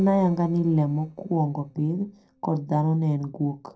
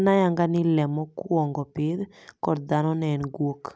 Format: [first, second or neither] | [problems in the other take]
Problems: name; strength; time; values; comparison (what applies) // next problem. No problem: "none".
second | noise reduction (neural separator model SepFormer DNS4)